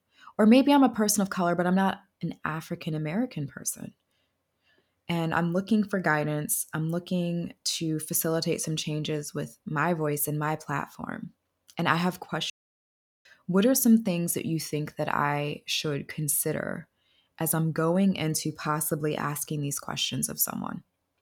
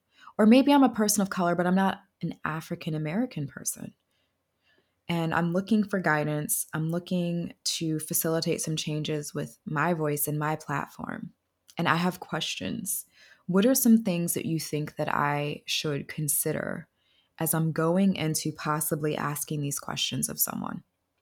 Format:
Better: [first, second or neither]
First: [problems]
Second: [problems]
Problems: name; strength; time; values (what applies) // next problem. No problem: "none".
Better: second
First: audio cutting out; at 13 s for 1 s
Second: none